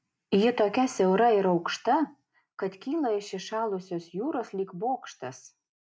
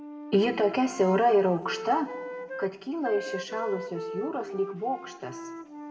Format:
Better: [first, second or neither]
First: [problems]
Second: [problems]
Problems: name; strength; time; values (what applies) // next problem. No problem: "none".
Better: first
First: none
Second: background sound (Wind instrument, woodwind instrument); 10 dB below the speech // room echo; dies away in 1 s